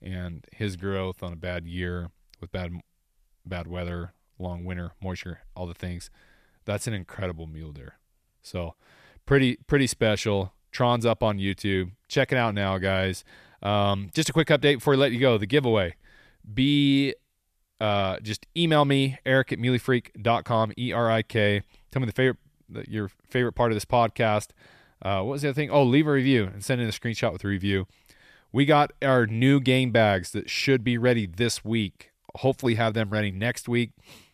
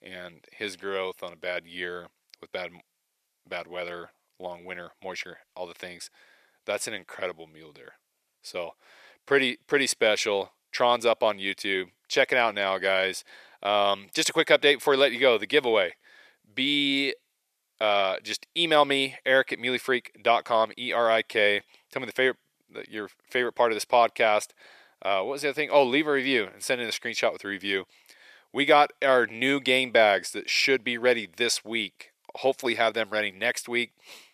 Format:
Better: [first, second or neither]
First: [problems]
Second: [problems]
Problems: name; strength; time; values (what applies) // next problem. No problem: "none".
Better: first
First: none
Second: thin; somewhat; fading below 500 Hz